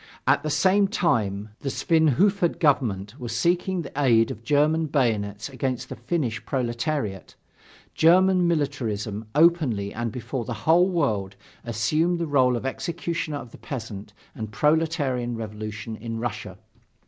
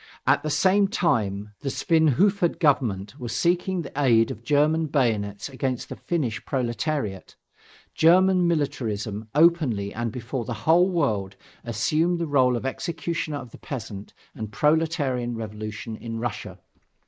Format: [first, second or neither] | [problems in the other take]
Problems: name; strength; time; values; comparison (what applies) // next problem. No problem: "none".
first | noise reduction (neural mask model Resemble Enhance denoiser)